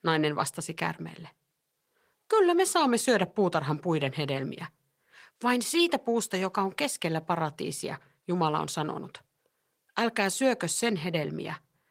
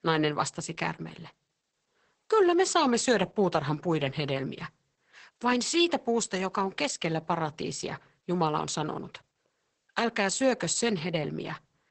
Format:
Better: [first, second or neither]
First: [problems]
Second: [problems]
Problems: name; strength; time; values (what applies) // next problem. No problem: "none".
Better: first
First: garbled, watery; slightly; nothing above 16 kHz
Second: garbled, watery; badly; nothing above 8 kHz